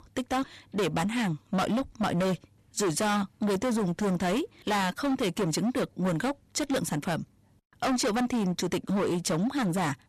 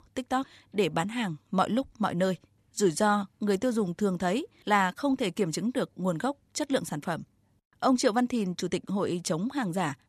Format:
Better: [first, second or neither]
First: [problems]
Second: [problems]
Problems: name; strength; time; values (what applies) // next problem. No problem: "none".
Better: second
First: distortion; heavy; 23% of the sound clipped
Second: none